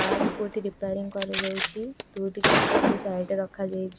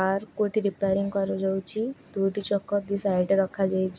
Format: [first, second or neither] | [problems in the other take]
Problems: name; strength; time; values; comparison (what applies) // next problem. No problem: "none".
second | background sound (Gunshot, gunfire); 3 dB above the speech